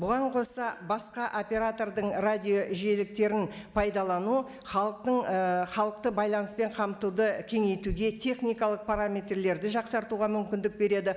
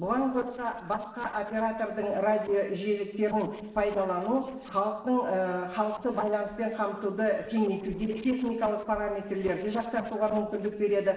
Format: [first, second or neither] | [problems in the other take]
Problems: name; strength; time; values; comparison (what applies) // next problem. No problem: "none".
first | noise reduction (neural separator model SepFormer DNS4)